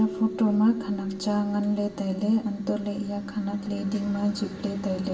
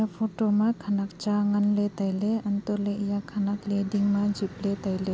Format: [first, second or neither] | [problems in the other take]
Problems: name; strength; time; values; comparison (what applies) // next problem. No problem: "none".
second | background sound (Keyboard (musical)); 16 dB below the speech // room echo; dies away in 0.7 s